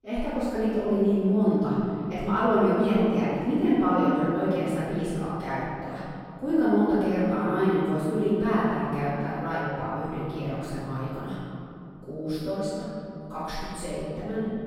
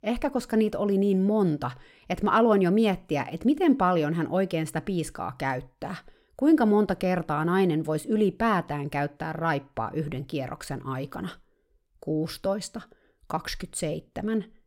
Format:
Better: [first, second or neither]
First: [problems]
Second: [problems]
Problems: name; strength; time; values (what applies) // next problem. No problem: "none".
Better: second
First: off-mic speech; far // room echo; strong; dies away in 2.7 s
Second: none